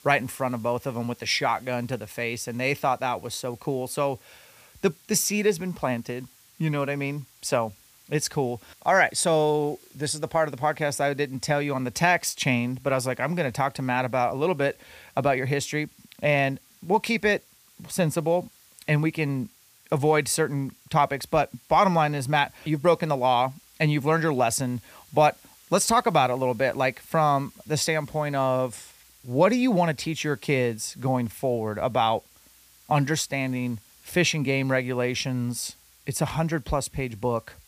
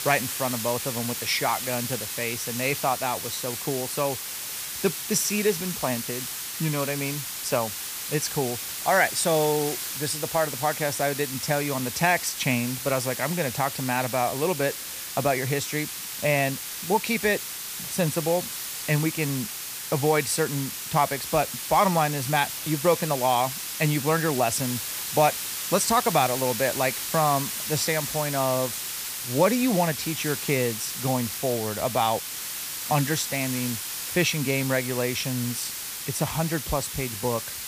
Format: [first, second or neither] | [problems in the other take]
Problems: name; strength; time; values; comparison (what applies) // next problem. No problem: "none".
first | hiss; loud; throughout; 4 dB below the speech; faint in the first